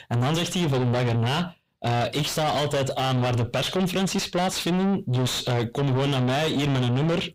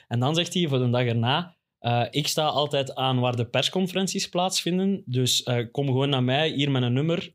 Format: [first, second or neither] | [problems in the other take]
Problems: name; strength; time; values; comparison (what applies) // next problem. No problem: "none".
second | distortion; heavy; 6 dB below the speech